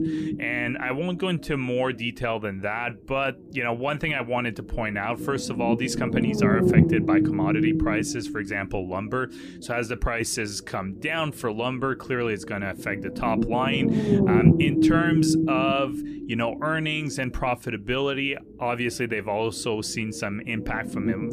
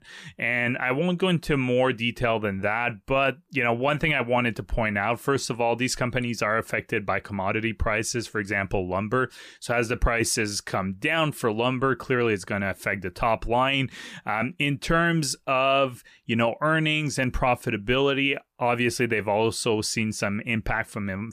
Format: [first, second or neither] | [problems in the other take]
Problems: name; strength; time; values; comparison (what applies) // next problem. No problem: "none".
second | low rumble; loud; throughout; 1 dB below the speech